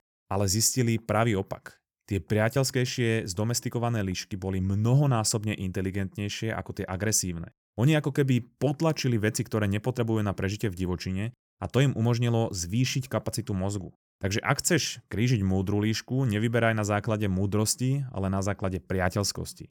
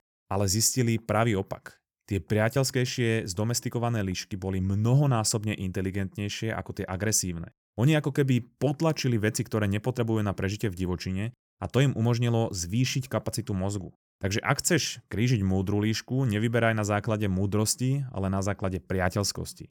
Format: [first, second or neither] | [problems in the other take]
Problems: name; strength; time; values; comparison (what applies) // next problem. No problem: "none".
neither | none